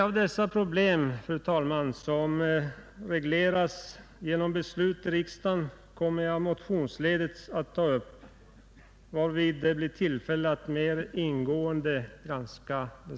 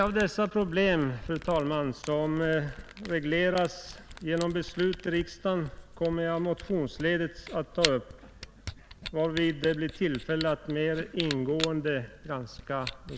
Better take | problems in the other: first | background sound (Camera); 13 dB below the speech

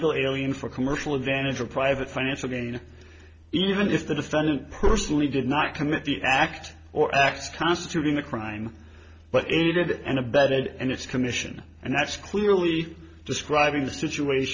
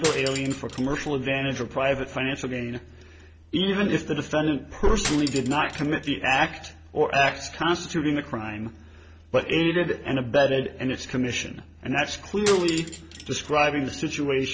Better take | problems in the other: first | background sound (Cutlery, silverware); 10 dB below the speech

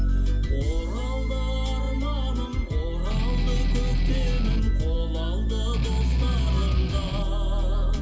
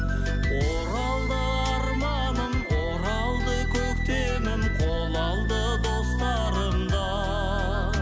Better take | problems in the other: second | background sound (Strum); 9 dB below the speech // room echo; dies away in 0.2 s

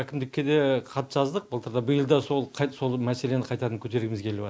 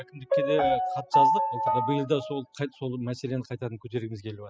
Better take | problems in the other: first | noise reduction (classical method spectral subtraction)

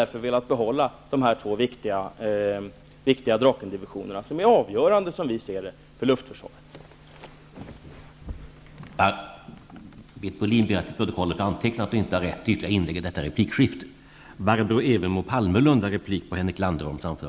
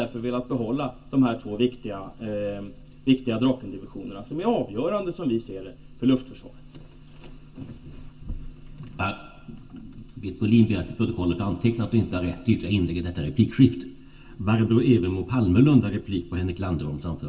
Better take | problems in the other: first | room echo; dies away in 0.2 s

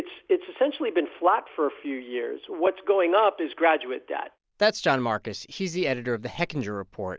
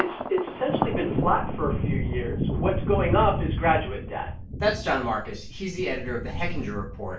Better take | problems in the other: first | background sound (Thunder); 1 dB below the speech // room echo; dies away in 0.3 s

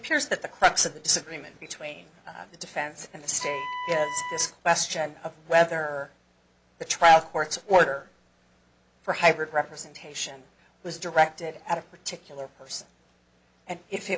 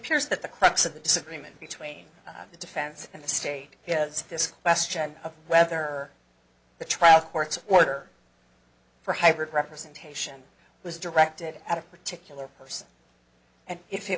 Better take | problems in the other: second | background sound (Wind instrument, woodwind instrument); 8 dB below the speech

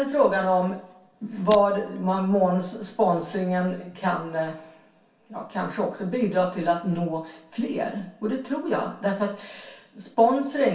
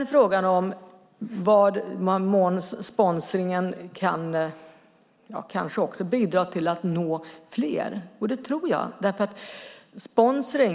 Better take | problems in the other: second | background sound (Shatter); 19 dB below the speech // room echo; dies away in 0.3 s

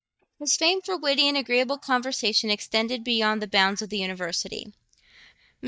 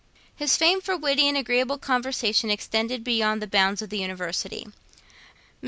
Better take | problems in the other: second | noise reduction (neural mask model DeepFilterNet 3)

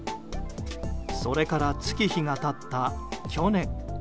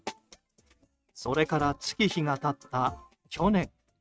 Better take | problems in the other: first | noise reduction (neural mask model RNNoise)

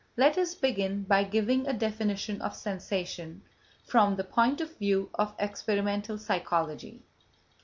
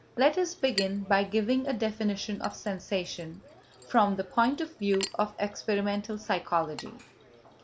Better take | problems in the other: first | background sound (Chink, clink); 16 dB below the speech

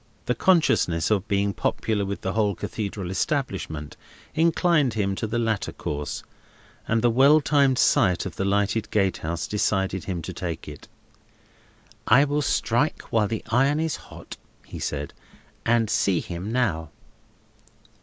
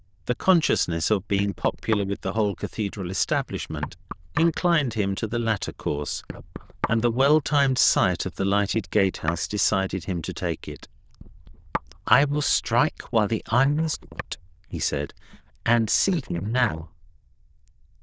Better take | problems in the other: first | noise reduction (neural diffusion model UNIVERSE++)

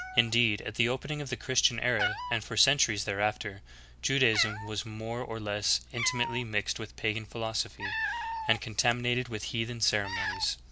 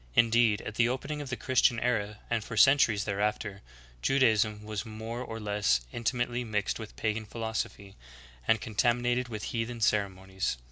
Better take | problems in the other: second | background sound (Cat); 9 dB below the speech

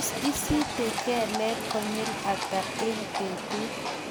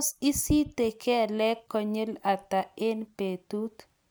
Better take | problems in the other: second | background sound (Livestock, farm animals, working animals); 2 dB below the speech

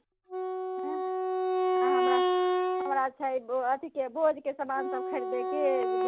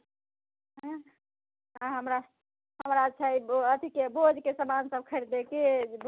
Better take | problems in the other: second | background sound (Wind instrument, woodwind instrument); 3 dB above the speech

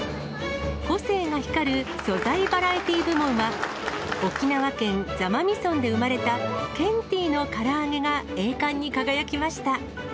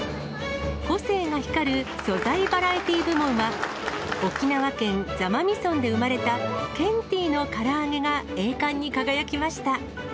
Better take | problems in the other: second | background sound (Wind instrument, woodwind instrument); 18 dB below the speech

